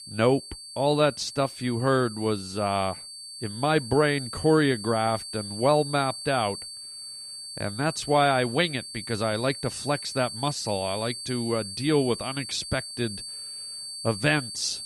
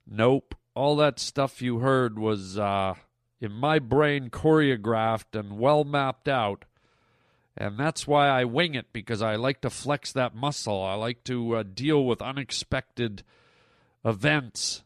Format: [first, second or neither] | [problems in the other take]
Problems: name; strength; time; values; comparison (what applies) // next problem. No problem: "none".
second | high-pitched whine; loud; throughout; 4.5 kHz, 9 dB below the speech